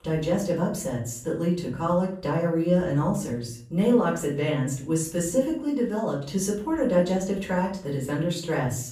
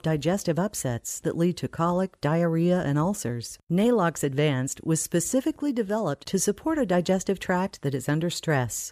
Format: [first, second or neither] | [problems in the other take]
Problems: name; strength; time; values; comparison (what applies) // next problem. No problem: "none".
second | off-mic speech; far // room echo; slight; dies away in 0.4 s